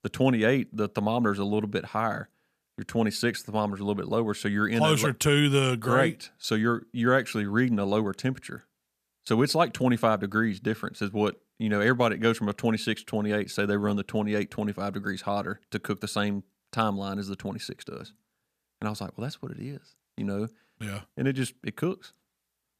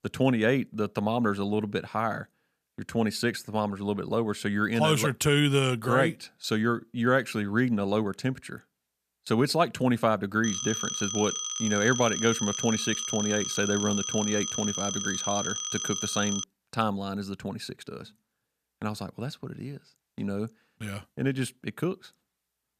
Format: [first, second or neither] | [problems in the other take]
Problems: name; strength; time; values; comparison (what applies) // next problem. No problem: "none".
first | phone ringing; noticeable; from 10 to 16 s; peak 2 dB below the speech